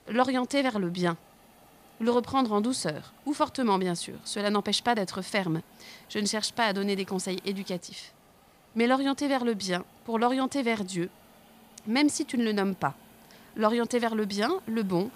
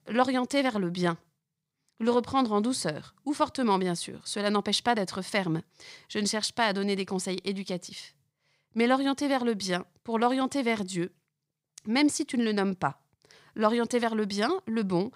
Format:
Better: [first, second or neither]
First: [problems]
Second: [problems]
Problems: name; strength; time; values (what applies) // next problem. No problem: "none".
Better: second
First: hiss; faint; throughout; 25 dB below the speech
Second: none